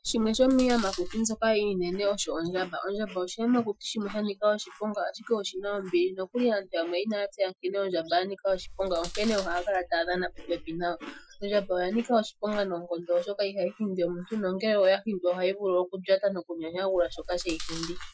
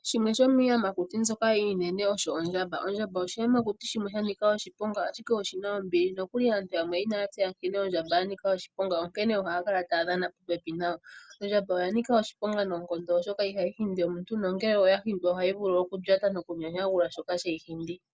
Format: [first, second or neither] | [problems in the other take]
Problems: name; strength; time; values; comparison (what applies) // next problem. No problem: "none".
second | noise reduction (classical method Wiener filter)